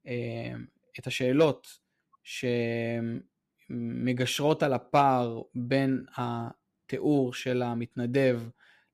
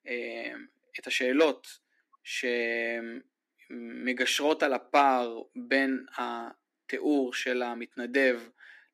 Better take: first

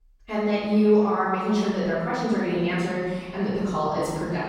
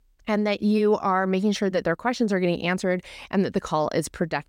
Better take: second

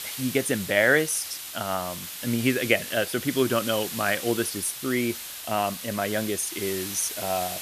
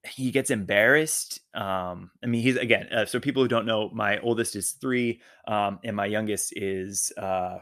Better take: second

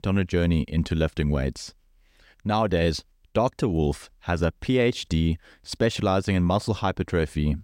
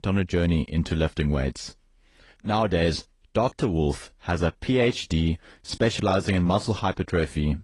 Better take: first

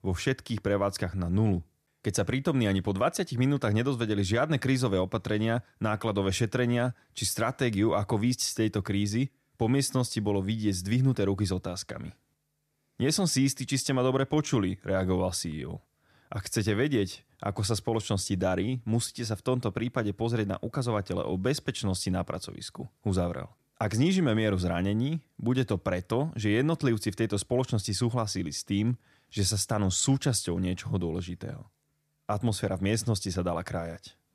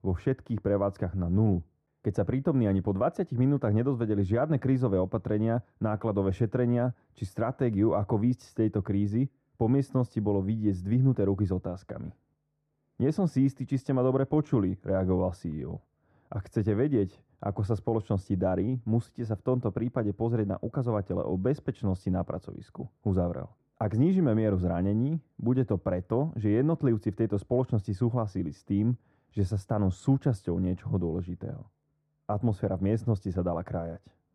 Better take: first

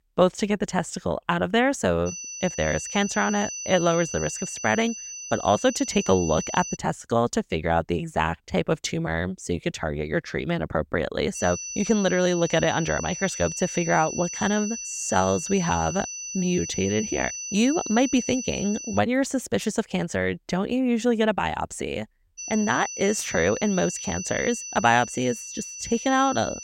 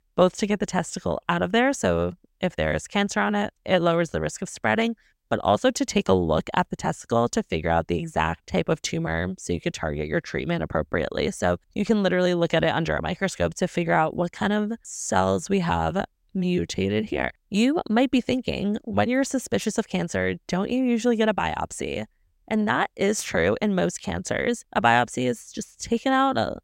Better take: second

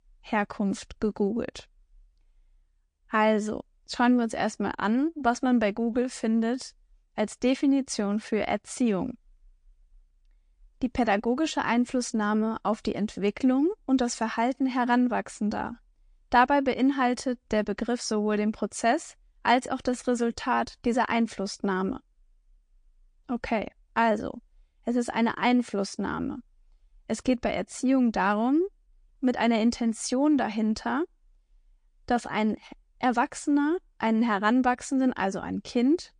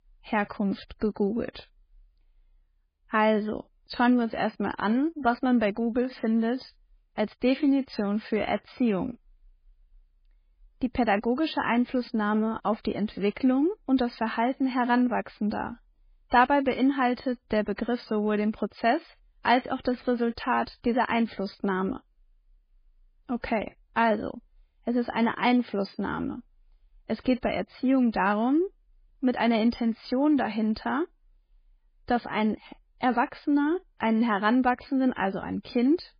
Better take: first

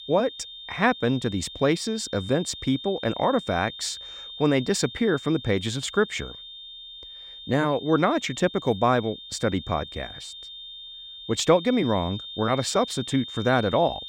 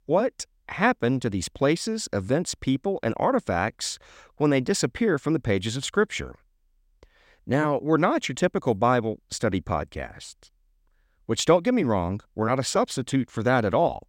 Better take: second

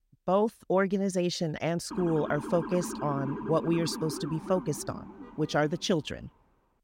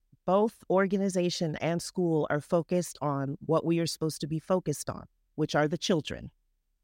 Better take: second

